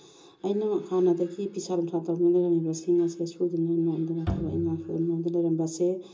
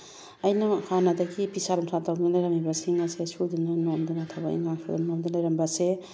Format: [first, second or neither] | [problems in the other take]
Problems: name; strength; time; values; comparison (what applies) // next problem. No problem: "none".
second | background sound (Bowed string instrument); 9 dB below the speech // room echo; dies away in 0.2 s